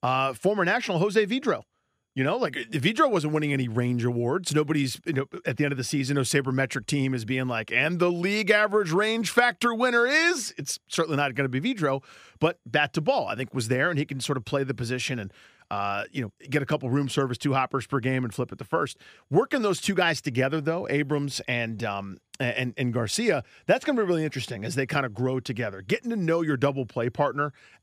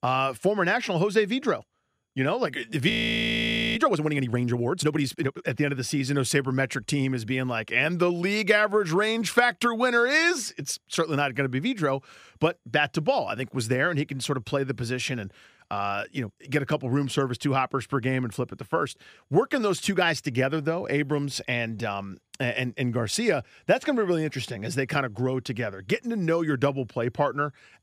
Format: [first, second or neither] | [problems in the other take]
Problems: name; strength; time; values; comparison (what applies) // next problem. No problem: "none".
first | audio freezing; at 3 s for 1 s